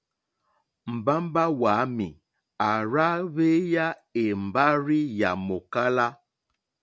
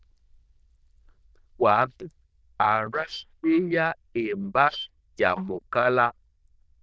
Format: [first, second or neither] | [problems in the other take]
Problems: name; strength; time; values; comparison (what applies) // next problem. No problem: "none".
first | noise reduction (neural diffusion model UNIVERSE++)